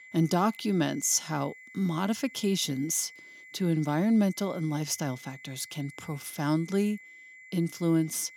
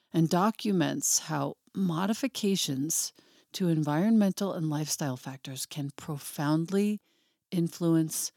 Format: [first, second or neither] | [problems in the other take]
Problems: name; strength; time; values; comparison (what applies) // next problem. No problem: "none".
second | high-pitched whine; noticeable; throughout; 2 kHz, 20 dB below the speech